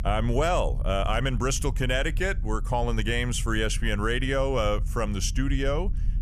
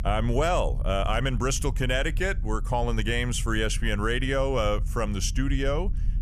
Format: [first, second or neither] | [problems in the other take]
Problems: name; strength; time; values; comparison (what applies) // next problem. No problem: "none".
neither | low rumble; faint; throughout; 20 dB below the speech; the same in both